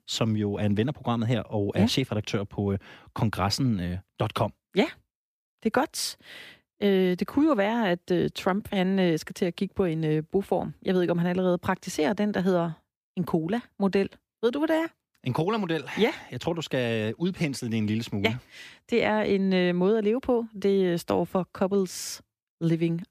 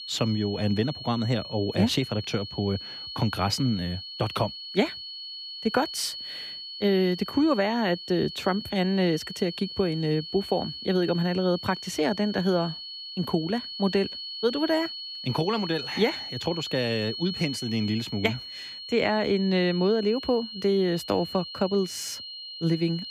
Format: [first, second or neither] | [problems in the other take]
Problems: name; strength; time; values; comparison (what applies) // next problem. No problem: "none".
first | high-pitched whine; loud; throughout; 4.5 kHz, 9 dB below the speech